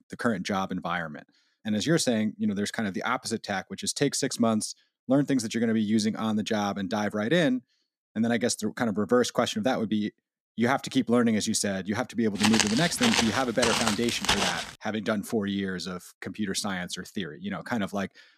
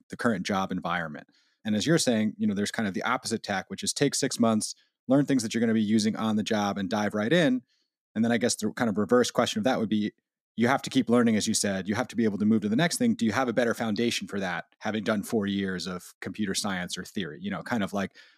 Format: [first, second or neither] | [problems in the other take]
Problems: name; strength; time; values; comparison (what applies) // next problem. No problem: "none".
second | footsteps; loud; from 12 to 15 s; peak 3 dB above the speech